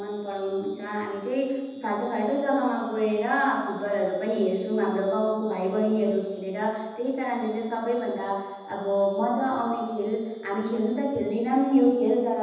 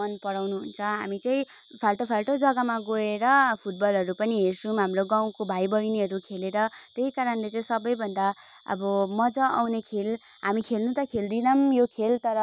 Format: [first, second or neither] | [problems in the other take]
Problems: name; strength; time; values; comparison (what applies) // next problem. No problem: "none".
second | room echo; dies away in 1.1 s